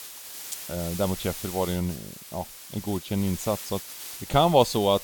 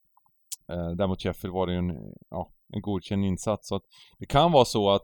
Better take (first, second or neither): second